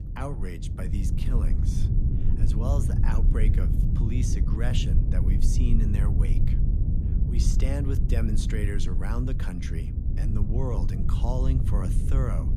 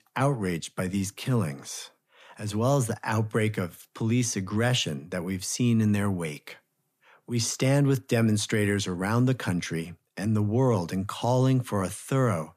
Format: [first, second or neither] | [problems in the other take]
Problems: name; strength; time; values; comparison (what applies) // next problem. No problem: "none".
second | low rumble; loud; throughout; 2 dB below the speech